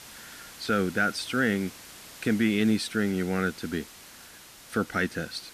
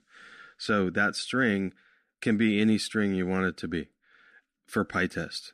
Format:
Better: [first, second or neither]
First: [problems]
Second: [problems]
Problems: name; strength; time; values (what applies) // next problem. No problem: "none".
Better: second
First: hiss; noticeable; throughout; 15 dB below the speech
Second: none